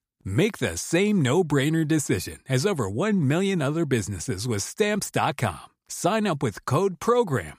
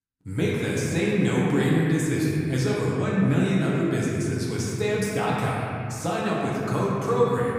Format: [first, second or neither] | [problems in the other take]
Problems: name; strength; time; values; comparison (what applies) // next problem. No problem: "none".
first | room echo; strong; dies away in 2.5 s // off-mic speech; far